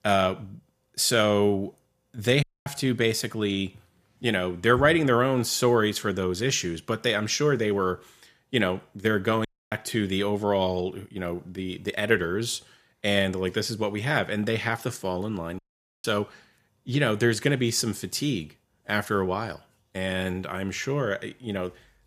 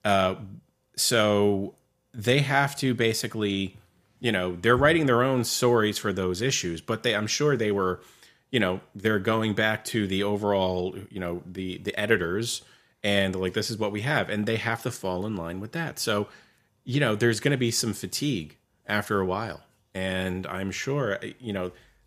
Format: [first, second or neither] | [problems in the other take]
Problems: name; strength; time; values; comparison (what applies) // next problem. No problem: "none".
second | audio cutting out; at 2.5 s, at 9.5 s and at 16 s